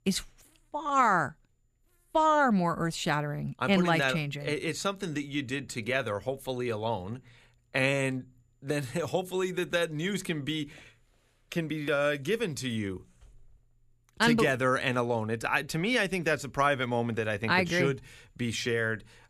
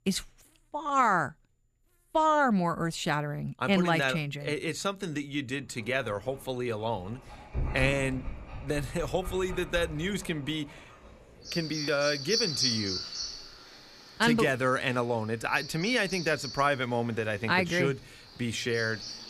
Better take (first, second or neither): first